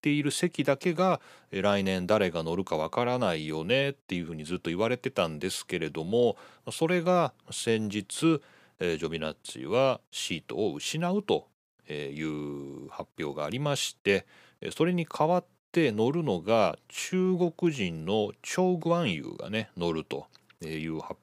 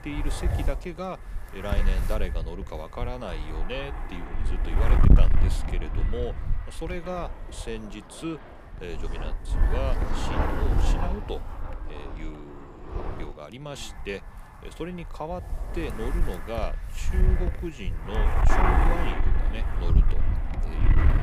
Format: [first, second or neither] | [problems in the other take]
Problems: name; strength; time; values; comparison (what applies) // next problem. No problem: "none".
first | wind noise on the microphone; heavy; 1 dB above the speech